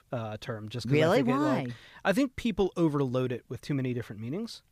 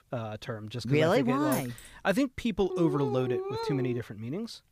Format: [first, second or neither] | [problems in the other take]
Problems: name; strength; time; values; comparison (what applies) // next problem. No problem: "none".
first | jangling keys; faint; at 1.5 s; peak 10 dB below the speech // dog barking; noticeable; from 2.5 to 4 s; peak 3 dB below the speech